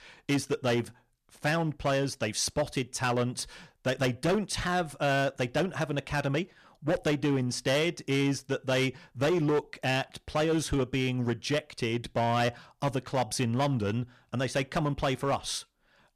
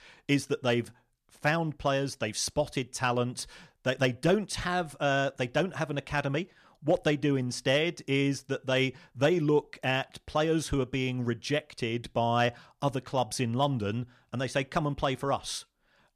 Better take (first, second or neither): second